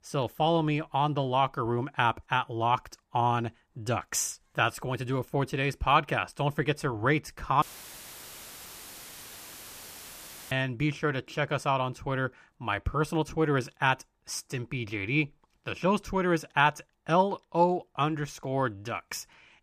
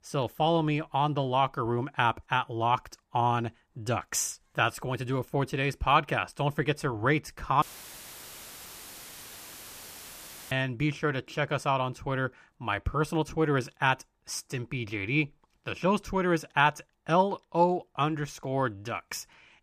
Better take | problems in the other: neither | audio cutting out; filled with static; at 7.5 s for 3 s; the same in both

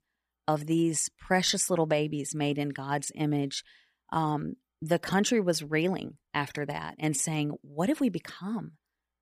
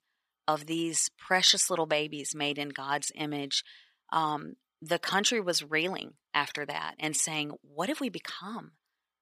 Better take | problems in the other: first | thin; somewhat; fading below 550 Hz

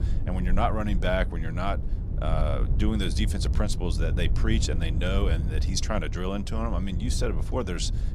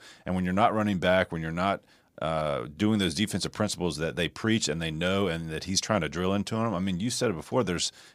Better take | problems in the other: second | wind noise on the microphone; occasional gusts; 10 dB below the speech

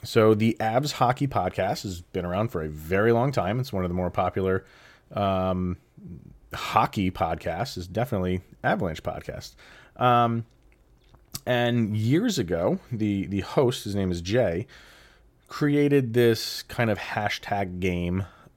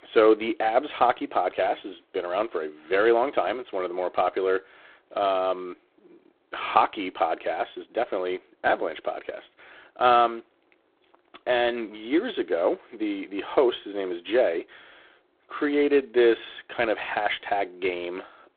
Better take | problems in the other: first | phone-call audio; poor line

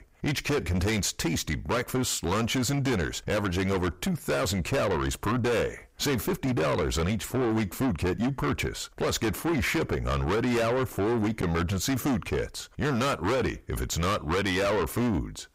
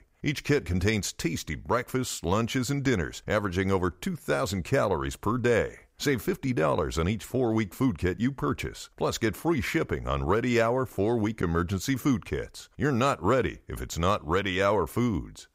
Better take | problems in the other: second | distortion; heavy; 6 dB below the speech

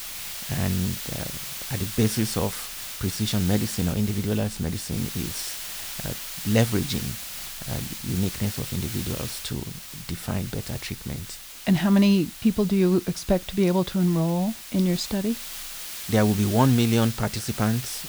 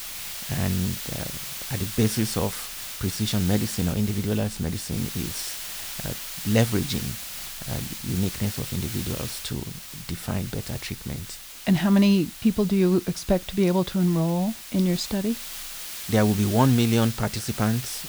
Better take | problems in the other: neither | hiss; loud; throughout; 8 dB below the speech; the same in both

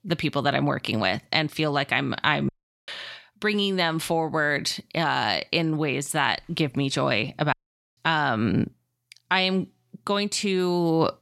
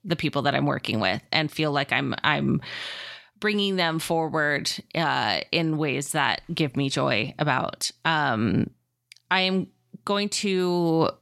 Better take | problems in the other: second | audio cutting out; at 2.5 s and at 7.5 s

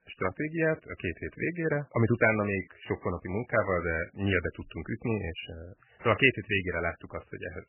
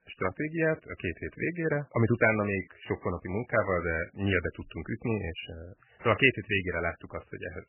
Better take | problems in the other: neither | garbled, watery; badly; nothing above 3 kHz; the same in both

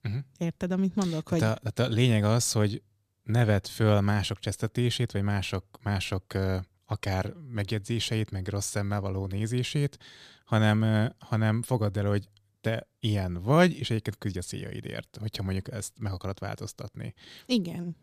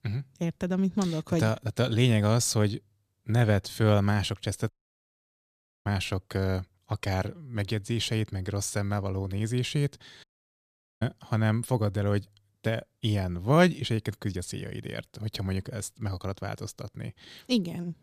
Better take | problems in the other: first | audio cutting out; at 4.5 s for 1 s and at 10 s for 1 s

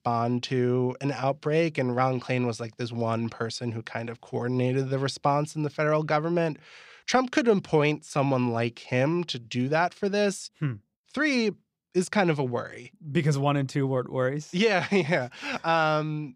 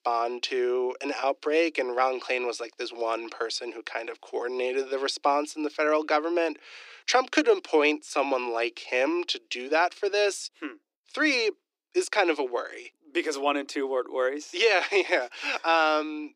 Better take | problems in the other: first | thin; somewhat; fading below 300 Hz

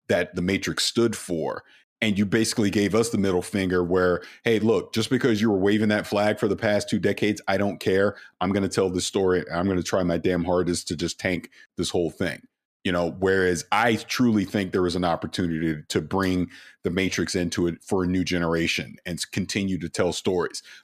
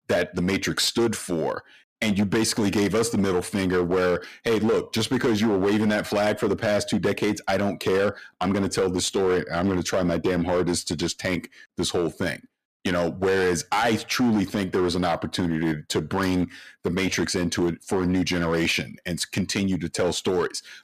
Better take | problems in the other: first | distortion; slight; 11% of the sound clipped

